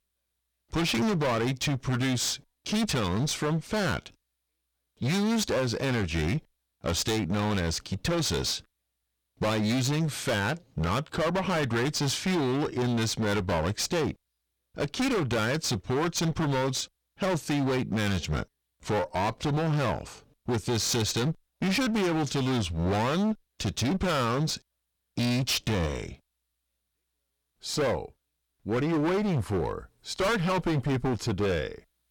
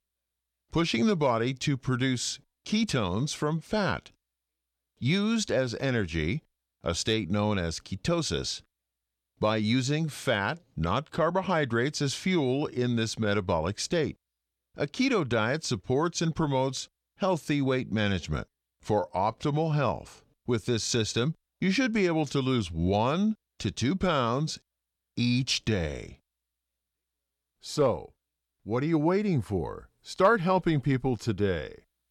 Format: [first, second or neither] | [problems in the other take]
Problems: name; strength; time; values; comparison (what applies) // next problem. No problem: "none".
second | distortion; heavy; 25% of the sound clipped